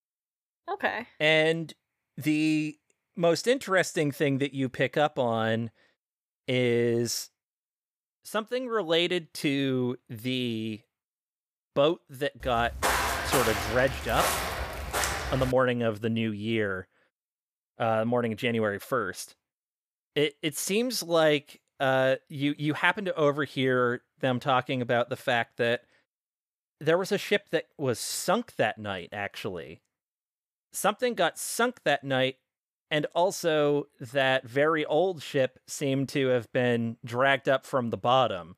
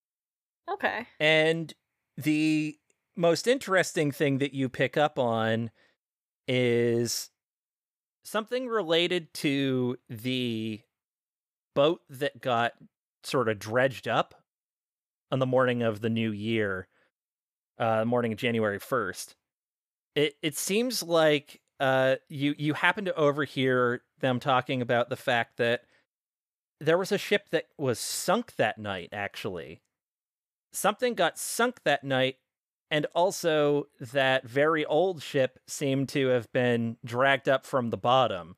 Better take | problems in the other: second | footsteps; loud; from 12 to 16 s; peak 2 dB above the speech

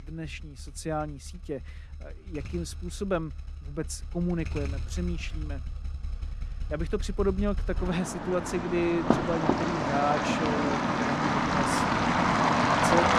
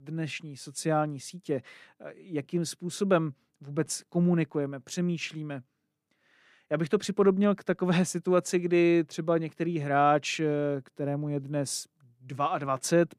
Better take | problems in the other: second | traffic noise; very loud; throughout; 4 dB above the speech

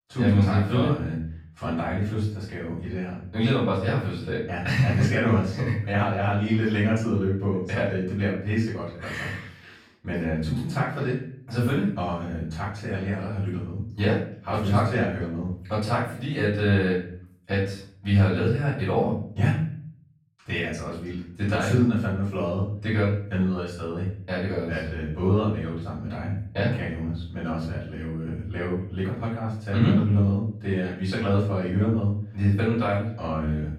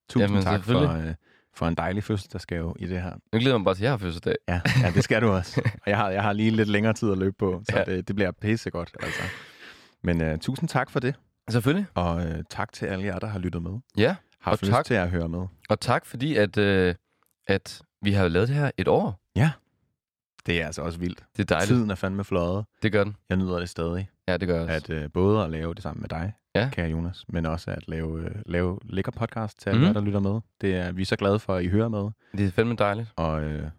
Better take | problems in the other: second | off-mic speech; far // room echo; noticeable; dies away in 0.5 s

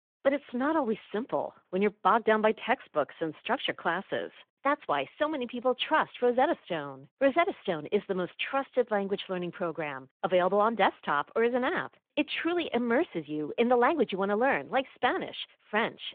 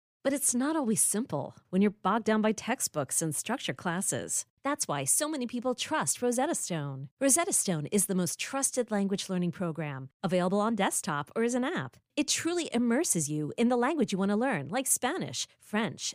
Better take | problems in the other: second | phone-call audio

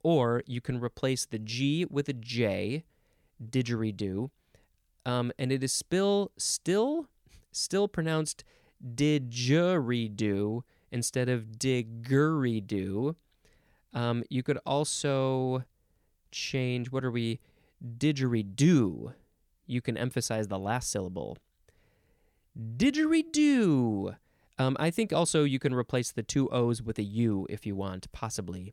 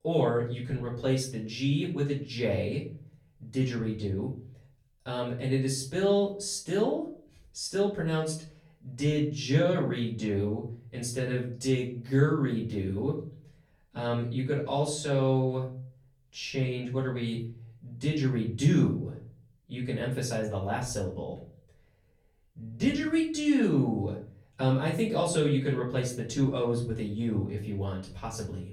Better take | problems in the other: first | off-mic speech; far // room echo; slight; dies away in 0.4 s

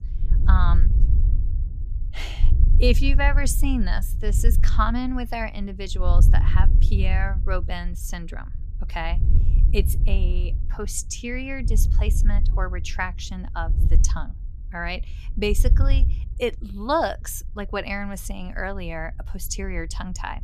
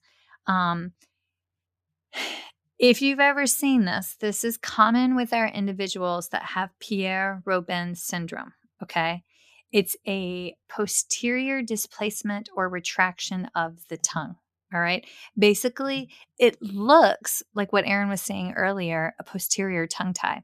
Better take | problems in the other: second | wind noise on the microphone; occasional gusts; 15 dB below the speech

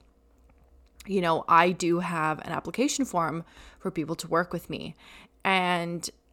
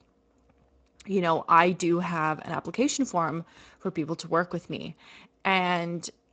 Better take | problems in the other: first | garbled, watery; slightly; nothing above 7.5 kHz

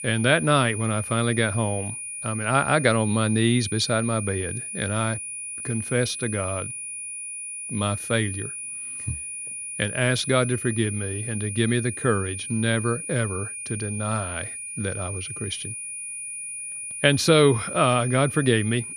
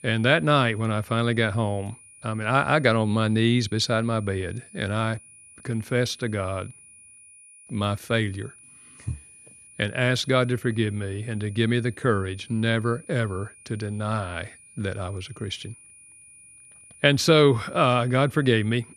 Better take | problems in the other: second | high-pitched whine; loud; throughout; 9.5 kHz, 7 dB below the speech; faint in the second

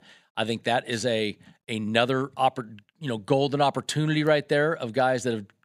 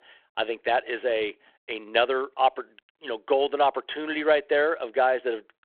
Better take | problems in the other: first | phone-call audio

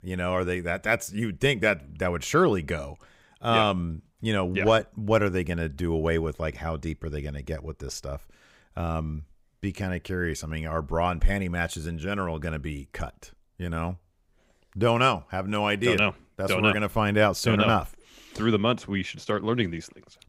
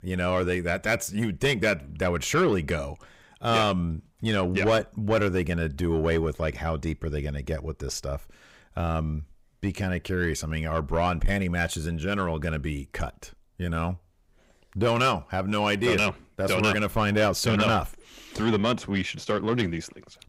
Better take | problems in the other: first | distortion; slight; 10 dB below the speech

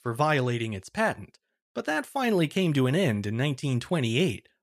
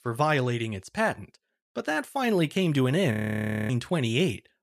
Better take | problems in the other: first | audio freezing; at 3 s for 0.5 s

